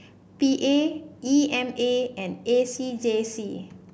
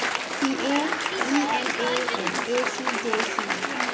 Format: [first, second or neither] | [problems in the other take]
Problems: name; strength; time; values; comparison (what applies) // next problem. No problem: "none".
first | background sound (Applause); 3 dB above the speech